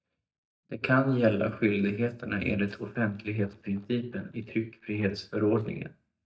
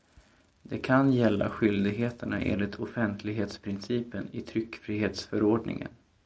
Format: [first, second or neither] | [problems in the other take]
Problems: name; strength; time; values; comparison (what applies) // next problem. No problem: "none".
second | noise reduction (neural mask model DeepFilterNet 3)